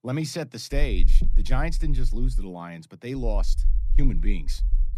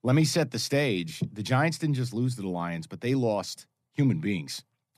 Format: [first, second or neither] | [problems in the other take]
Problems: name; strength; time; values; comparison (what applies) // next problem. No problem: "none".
second | low rumble; noticeable; from 0.5 to 2.5 s and from 3 s on; 20 dB below the speech